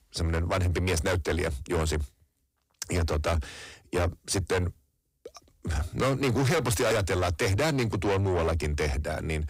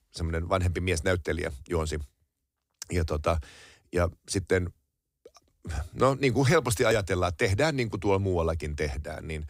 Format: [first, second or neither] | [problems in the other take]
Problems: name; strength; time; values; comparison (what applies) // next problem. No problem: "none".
second | distortion; heavy; 6 dB below the speech